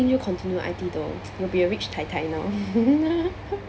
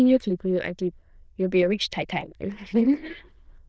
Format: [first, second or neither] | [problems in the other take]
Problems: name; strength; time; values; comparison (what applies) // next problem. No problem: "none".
first | noise reduction (neural diffusion model UNIVERSE++)